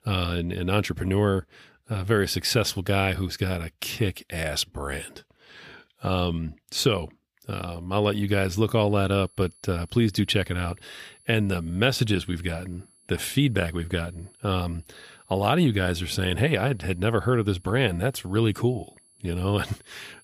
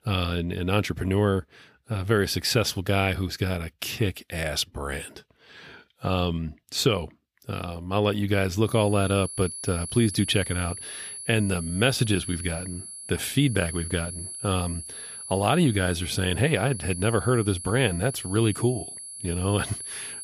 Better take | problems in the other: first | high-pitched whine; loud; from 8.5 s on; 10.5 kHz, 9 dB below the speech; faint in the first

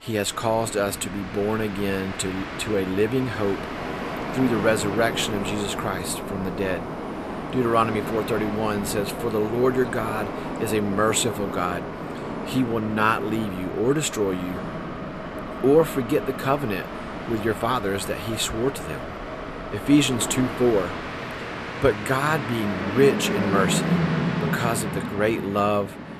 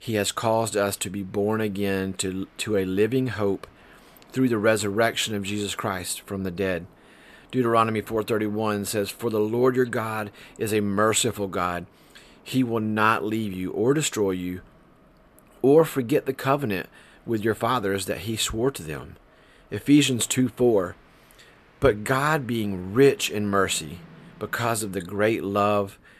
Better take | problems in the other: second | train or aircraft noise; loud; throughout; 6 dB below the speech; faint in the second

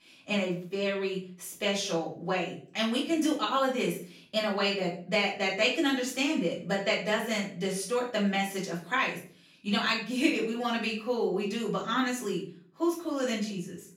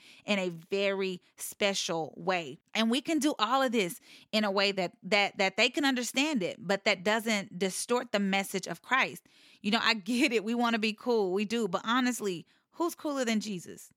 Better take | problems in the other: second | room echo; slight; dies away in 0.4 s // off-mic speech; far

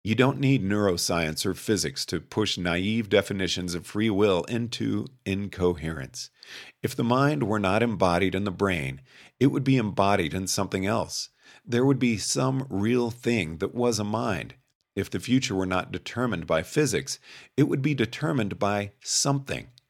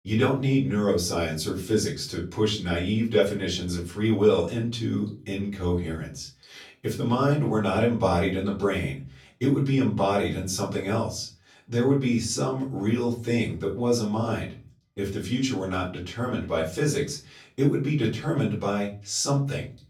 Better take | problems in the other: first | off-mic speech; far // room echo; slight; dies away in 0.3 s

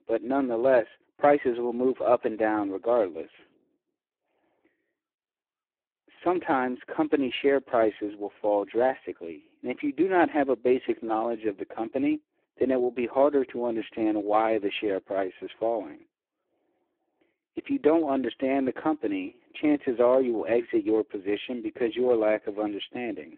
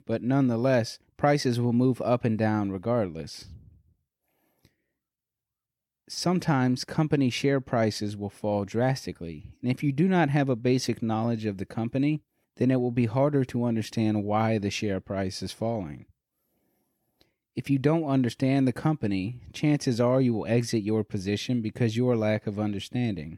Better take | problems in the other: second | phone-call audio; poor line

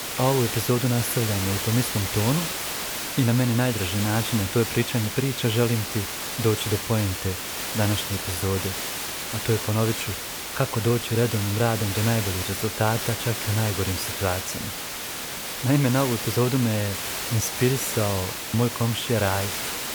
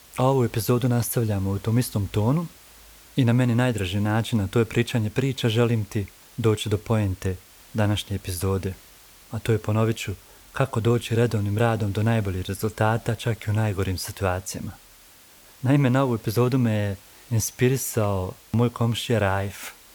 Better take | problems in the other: second | hiss; loud; throughout; 3 dB below the speech; faint in the second

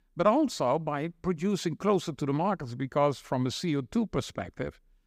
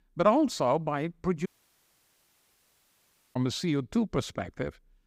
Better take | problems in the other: first | audio cutting out; at 1.5 s for 2 s

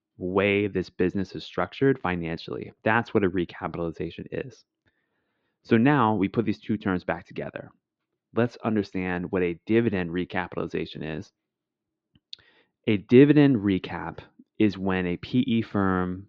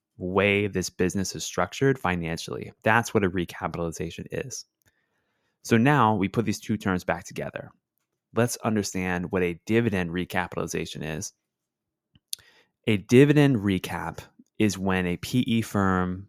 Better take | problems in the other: second | muffled; slightly; fading above 4 kHz

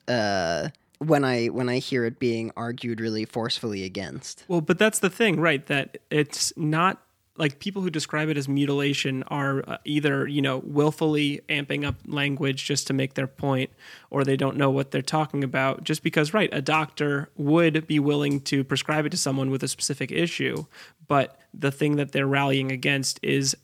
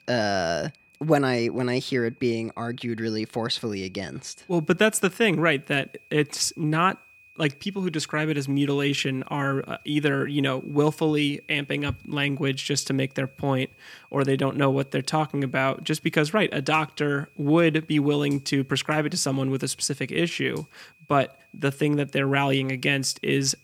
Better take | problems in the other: first | high-pitched whine; faint; throughout; 2.5 kHz, 30 dB below the speech

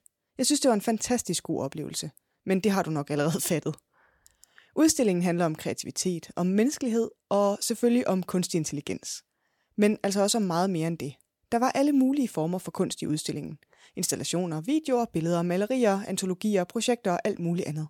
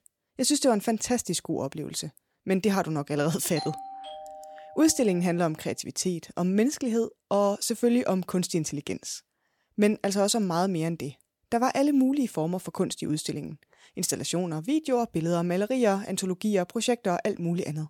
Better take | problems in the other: first | doorbell; noticeable; from 3.5 to 5.5 s; peak 9 dB below the speech

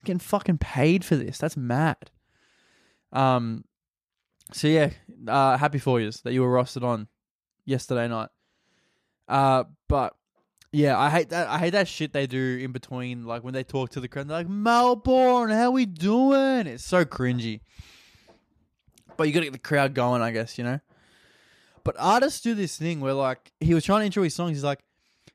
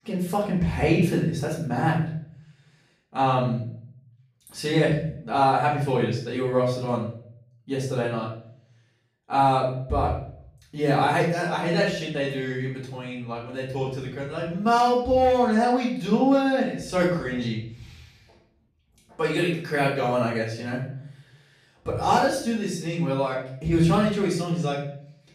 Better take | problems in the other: first | room echo; noticeable; dies away in 0.6 s // off-mic speech; far

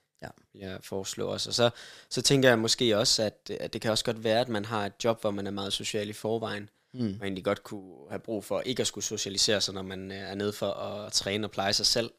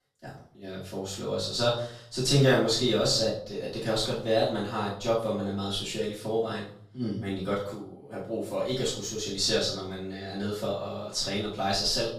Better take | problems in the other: first | room echo; noticeable; dies away in 0.5 s // off-mic speech; far

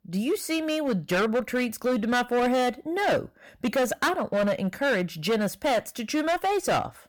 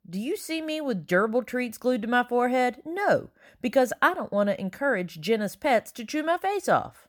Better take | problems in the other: second | distortion; heavy; 16% of the sound clipped

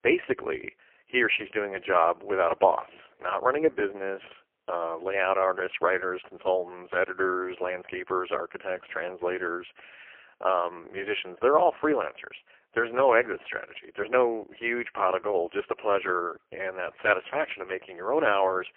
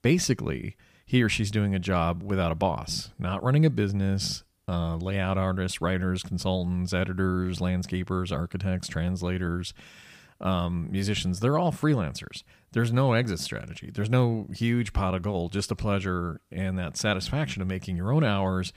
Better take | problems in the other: second | phone-call audio; poor line; nothing above 3 kHz

